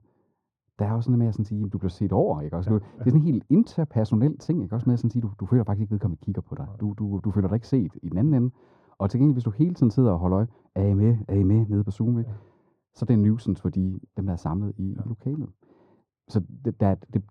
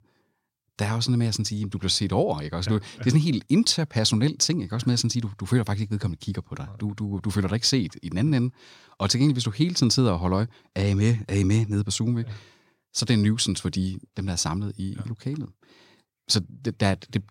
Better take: second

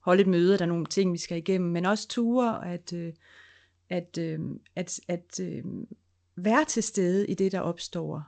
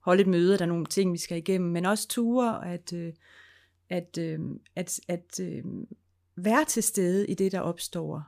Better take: second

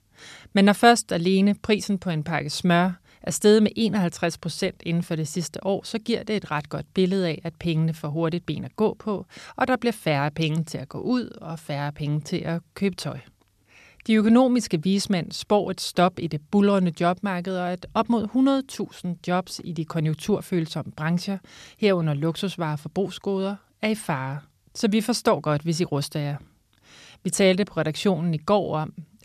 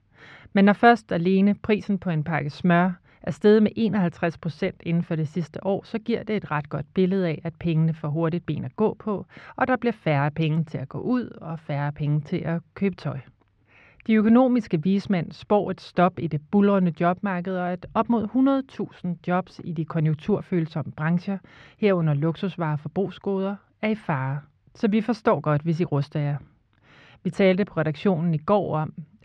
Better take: first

